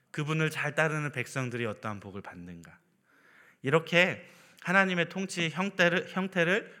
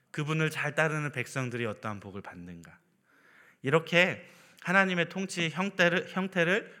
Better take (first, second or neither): neither